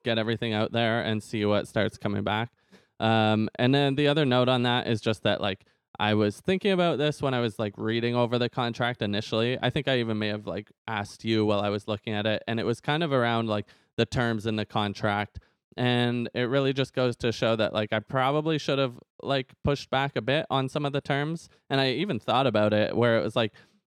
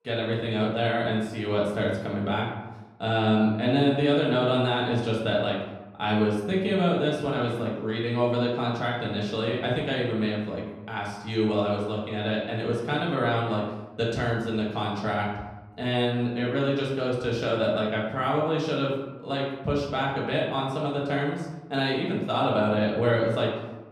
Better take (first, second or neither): first